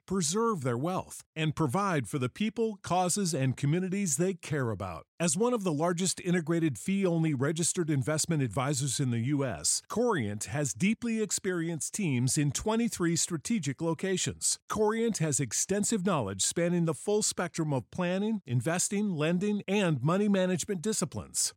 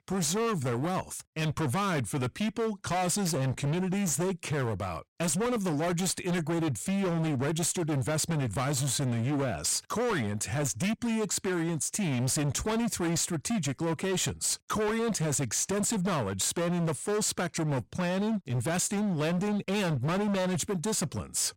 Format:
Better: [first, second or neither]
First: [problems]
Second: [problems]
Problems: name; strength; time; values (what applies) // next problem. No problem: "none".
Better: first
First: none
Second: distortion; heavy; 33% of the sound clipped